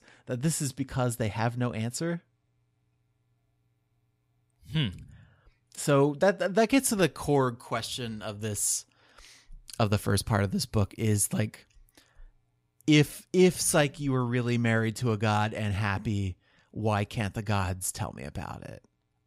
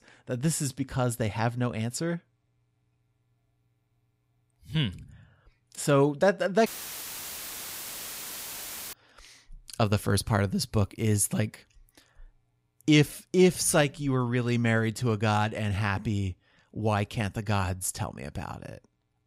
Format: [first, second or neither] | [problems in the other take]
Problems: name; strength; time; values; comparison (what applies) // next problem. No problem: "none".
first | audio cutting out; filled with static; at 6.5 s for 2.5 s